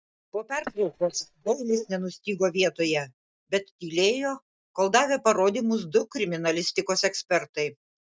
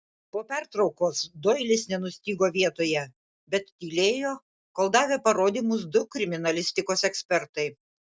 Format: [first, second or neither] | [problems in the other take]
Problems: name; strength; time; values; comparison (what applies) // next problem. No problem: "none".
second | noise reduction (neural mask model DeepFilterNet 3)